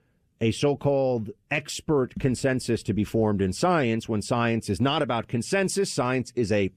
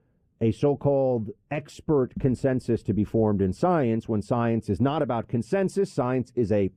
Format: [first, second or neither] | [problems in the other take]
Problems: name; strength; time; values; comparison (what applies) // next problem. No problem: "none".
first | muffled; slightly; fading above 1.5 kHz